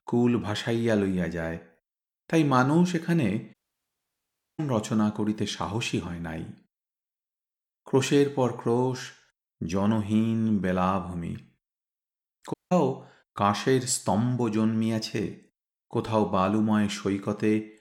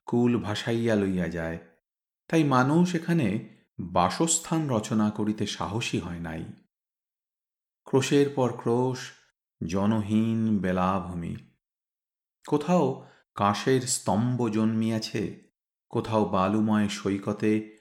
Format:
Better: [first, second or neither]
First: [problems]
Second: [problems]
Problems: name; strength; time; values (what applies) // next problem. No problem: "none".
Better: second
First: audio cutting out; at 3.5 s for 1 s and at 13 s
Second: none